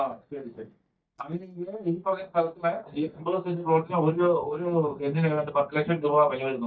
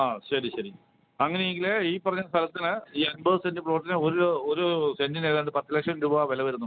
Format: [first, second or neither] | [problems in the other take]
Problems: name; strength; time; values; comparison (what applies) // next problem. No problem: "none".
second | noise reduction (neural mask model DeepFilterNet 3)